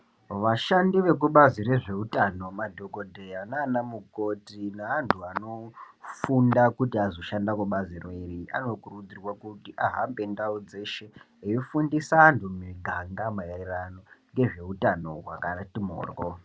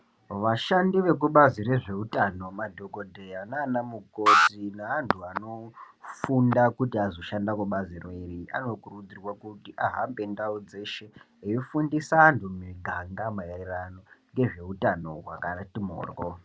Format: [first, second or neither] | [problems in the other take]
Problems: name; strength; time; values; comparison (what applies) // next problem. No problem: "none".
first | background sound (Alarm); 2 dB above the speech